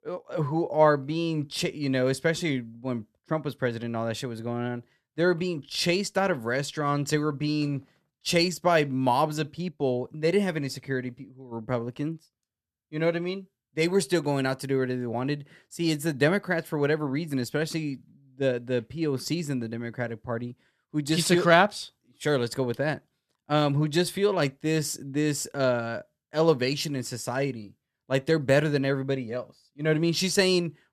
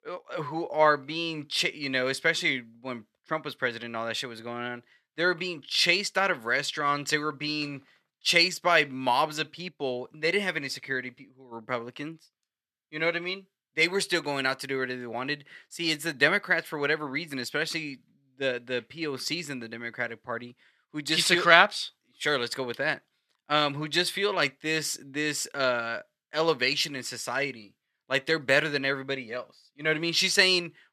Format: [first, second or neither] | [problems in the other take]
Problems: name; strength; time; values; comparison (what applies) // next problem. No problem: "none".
first | thin; somewhat; fading below 400 Hz